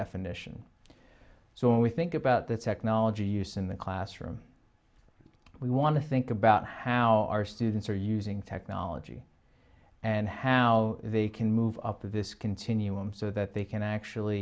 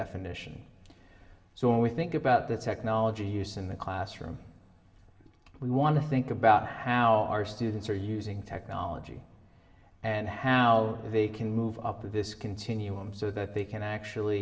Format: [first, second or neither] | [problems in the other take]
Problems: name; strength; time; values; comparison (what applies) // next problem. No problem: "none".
first | room echo; dies away in 2.3 s